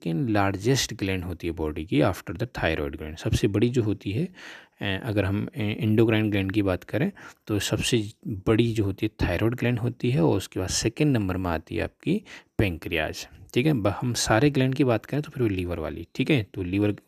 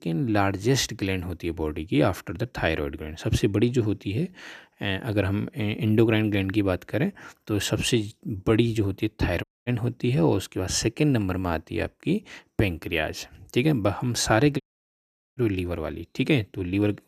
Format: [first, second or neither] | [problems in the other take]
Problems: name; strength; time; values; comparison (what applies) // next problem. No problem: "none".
first | audio cutting out; at 9.5 s and at 15 s for 1 s